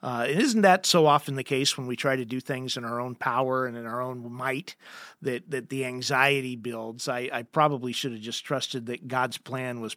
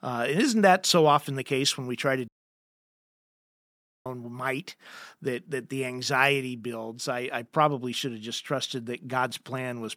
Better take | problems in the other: first | audio cutting out; at 2.5 s for 2 s

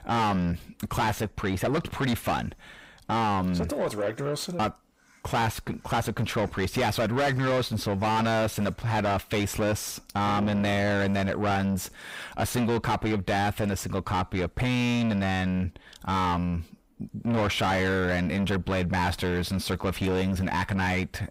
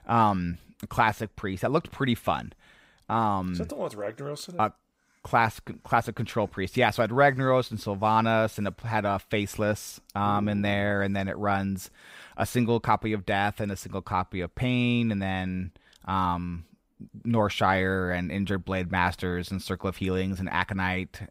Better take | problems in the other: second | distortion; heavy; 5 dB below the speech

